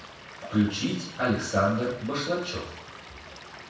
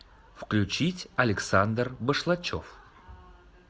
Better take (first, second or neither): second